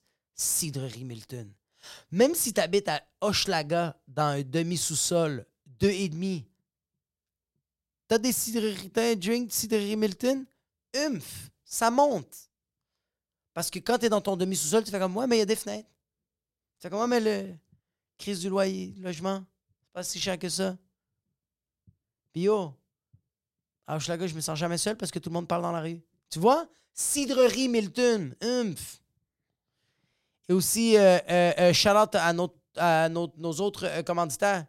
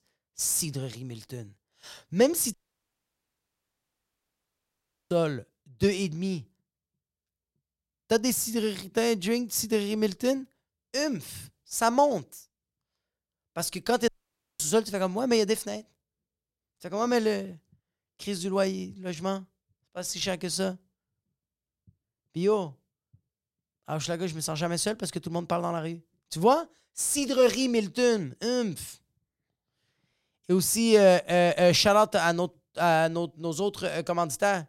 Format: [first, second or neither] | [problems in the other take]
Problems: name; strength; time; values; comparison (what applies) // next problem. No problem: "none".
first | audio cutting out; at 2.5 s for 2.5 s and at 14 s for 0.5 s